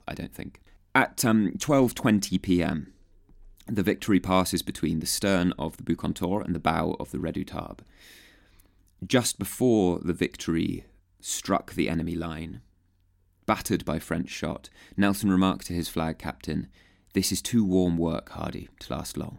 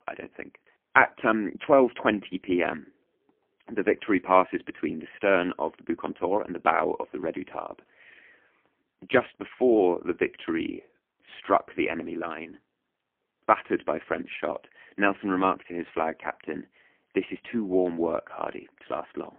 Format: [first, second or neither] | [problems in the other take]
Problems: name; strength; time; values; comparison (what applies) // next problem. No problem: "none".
first | phone-call audio; poor line